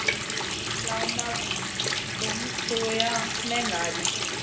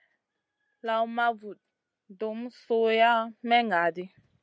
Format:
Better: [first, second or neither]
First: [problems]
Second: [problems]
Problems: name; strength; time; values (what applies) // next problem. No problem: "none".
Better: second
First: background sound (Water tap, faucet); 5 dB above the speech // room echo; dies away in 1 s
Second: none